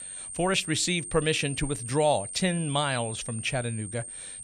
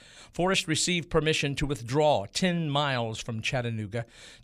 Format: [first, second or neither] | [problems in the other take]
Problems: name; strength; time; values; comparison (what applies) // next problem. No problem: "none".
second | high-pitched whine; loud; throughout; 8.5 kHz, 8 dB below the speech